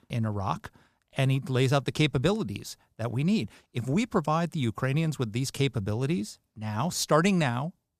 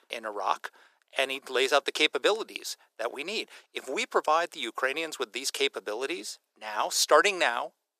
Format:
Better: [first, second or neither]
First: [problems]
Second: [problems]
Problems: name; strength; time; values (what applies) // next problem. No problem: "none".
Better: first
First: none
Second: thin; very; fading below 400 Hz